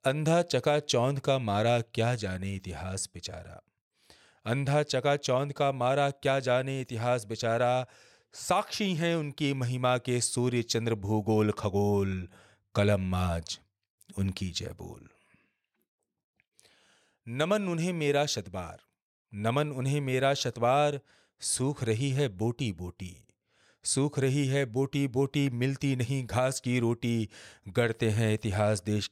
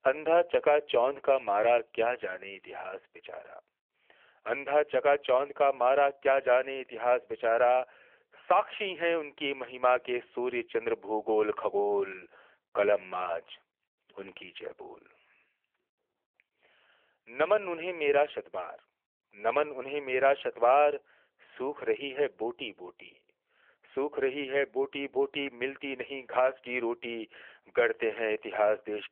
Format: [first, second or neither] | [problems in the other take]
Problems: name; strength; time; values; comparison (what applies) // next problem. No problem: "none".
first | phone-call audio; nothing above 3 kHz